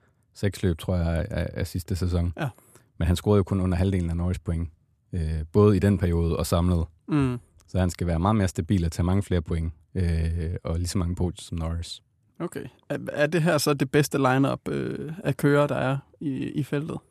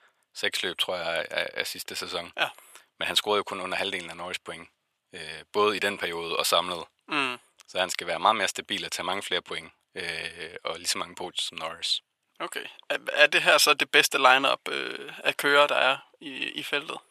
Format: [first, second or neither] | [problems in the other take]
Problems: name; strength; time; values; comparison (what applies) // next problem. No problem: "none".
first | thin; very; fading below 750 Hz